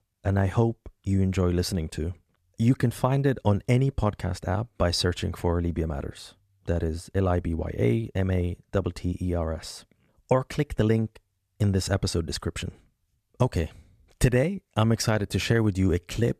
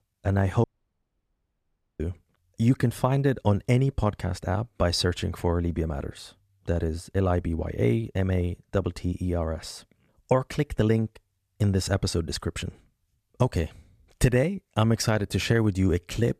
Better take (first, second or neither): first